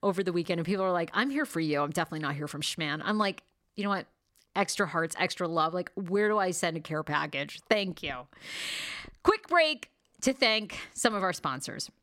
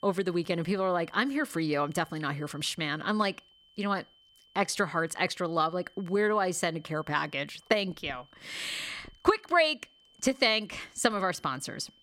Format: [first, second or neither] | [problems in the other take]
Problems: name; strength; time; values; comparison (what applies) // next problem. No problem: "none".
first | high-pitched whine; faint; throughout; 3 kHz, 30 dB below the speech